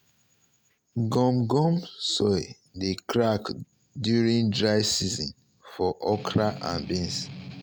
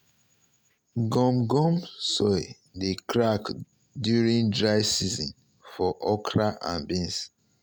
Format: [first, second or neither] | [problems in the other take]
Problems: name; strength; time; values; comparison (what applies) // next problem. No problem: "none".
second | background sound (Strum); 12 dB below the speech